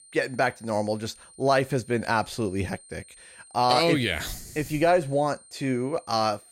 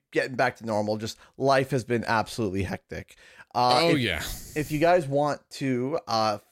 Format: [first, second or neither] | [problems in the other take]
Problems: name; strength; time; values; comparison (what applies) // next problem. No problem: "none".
second | high-pitched whine; faint; throughout; 8.5 kHz, 25 dB below the speech